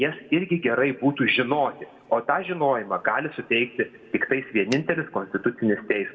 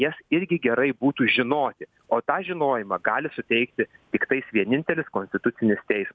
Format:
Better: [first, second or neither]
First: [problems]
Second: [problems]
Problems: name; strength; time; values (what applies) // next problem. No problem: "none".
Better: second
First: background sound (Finger snapping); 14 dB below the speech // room echo; dies away in 0.9 s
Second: none